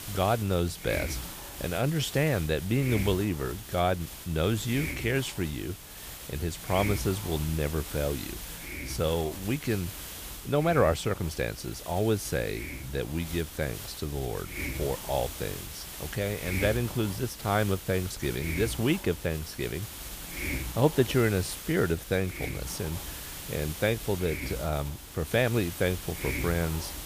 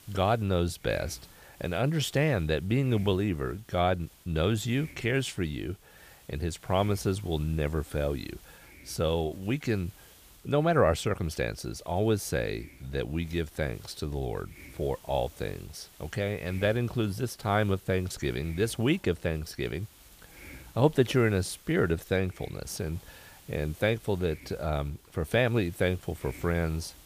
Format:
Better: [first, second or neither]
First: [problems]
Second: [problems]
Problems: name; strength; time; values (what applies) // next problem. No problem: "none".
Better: second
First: hiss; loud; throughout; 8 dB below the speech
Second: hiss; faint; throughout; 25 dB below the speech